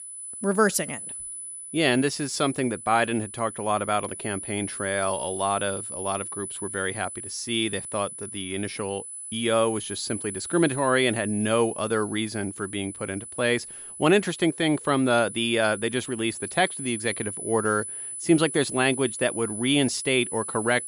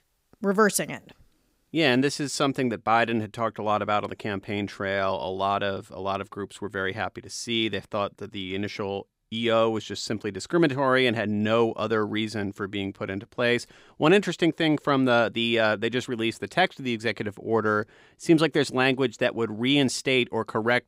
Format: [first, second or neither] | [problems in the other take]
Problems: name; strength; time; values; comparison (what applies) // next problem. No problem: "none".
second | high-pitched whine; loud; throughout; 10 kHz, 8 dB below the speech